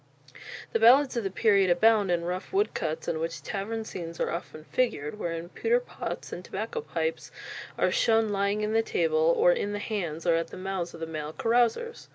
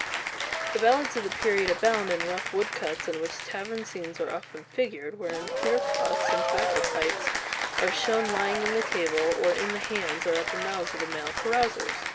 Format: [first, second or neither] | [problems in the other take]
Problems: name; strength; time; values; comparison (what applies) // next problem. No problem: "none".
first | background sound (Applause / Cheering); 2 dB below the speech